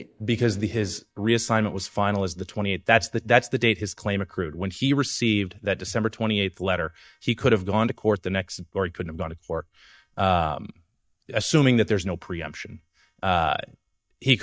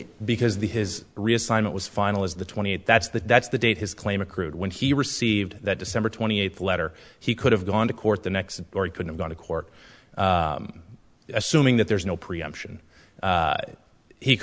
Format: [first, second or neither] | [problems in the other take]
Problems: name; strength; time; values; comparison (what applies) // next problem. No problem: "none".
second | noise reduction (neural mask model DeepFilterNet 3)